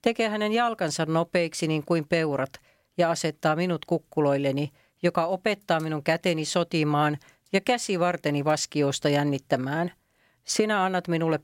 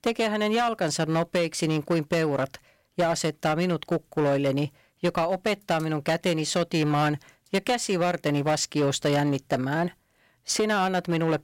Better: first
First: none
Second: distortion; slight; 10% of the sound clipped

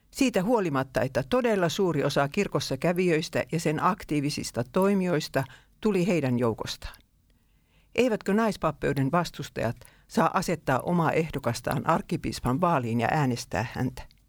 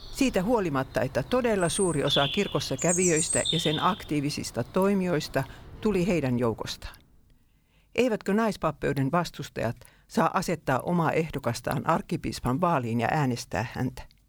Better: first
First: none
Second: animal sounds; loud; until 6.5 s; 1 dB below the speech

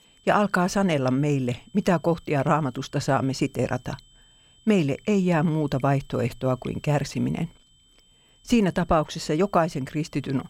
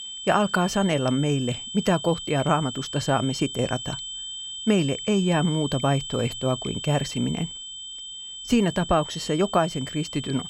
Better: first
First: high-pitched whine; faint; throughout; 3 kHz, 30 dB below the speech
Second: high-pitched whine; loud; throughout; 3 kHz, 8 dB below the speech

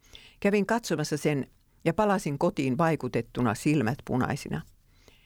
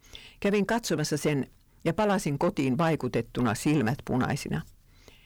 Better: first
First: none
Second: distortion; slight; 10 dB below the speech

